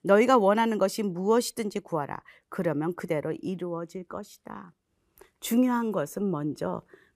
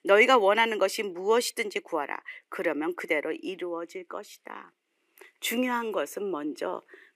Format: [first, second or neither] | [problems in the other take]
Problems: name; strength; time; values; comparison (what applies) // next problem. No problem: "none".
first | thin; somewhat; fading below 300 Hz